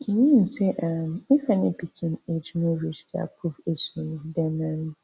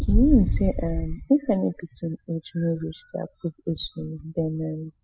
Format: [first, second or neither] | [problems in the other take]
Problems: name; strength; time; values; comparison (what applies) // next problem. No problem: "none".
first | noise reduction (classical method spectral subtraction)